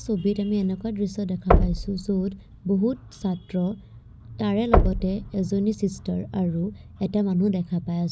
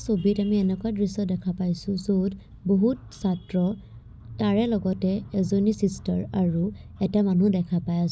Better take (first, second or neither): second